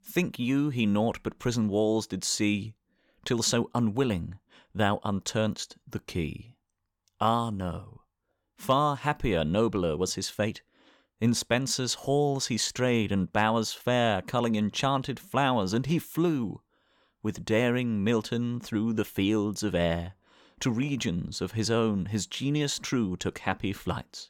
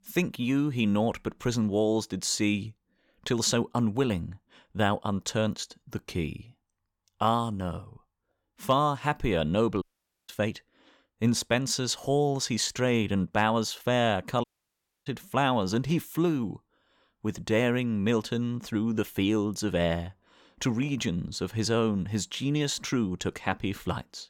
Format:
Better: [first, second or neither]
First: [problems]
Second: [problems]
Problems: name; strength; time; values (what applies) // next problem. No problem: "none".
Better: first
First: none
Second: audio cutting out; at 10 s and at 14 s for 0.5 s